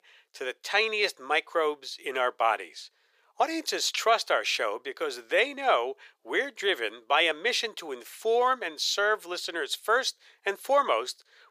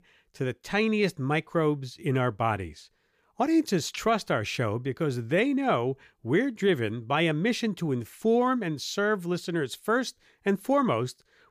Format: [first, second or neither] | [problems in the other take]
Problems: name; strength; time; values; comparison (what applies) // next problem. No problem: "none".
second | thin; very; fading below 500 Hz